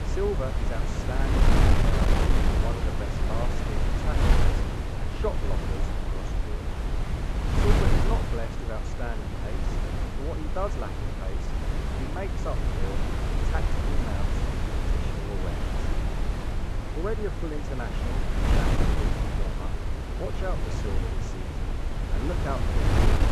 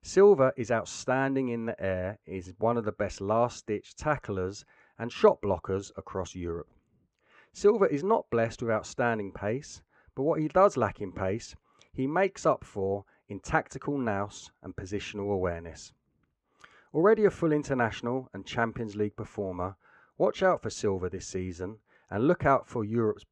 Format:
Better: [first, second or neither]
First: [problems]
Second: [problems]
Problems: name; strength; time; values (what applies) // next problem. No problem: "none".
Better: second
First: wind noise on the microphone; heavy; 3 dB above the speech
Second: none